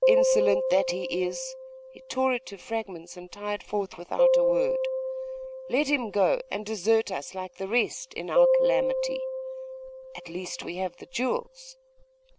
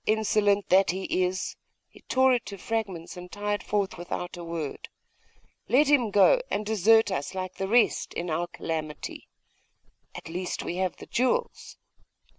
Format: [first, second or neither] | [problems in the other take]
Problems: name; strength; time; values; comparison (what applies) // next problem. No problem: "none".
second | background sound (Piano); 1 dB above the speech